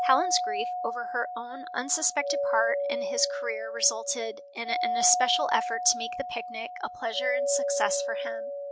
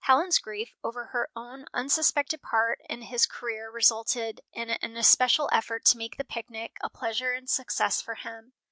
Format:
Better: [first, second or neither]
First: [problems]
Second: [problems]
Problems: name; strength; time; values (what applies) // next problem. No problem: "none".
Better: second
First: background sound (Doorbell); 1 dB below the speech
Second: none